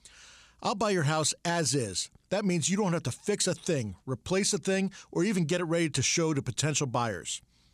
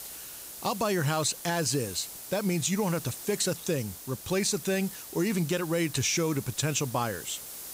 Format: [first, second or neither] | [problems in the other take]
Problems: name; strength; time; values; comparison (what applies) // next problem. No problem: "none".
first | hiss; noticeable; throughout; 10 dB below the speech